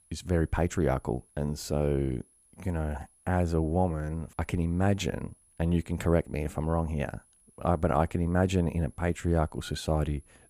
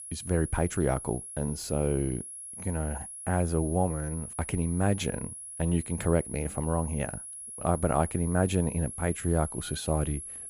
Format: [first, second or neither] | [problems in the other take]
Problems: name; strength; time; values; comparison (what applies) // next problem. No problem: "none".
first | high-pitched whine; loud; throughout; 10.5 kHz, 9 dB below the speech; faint in the first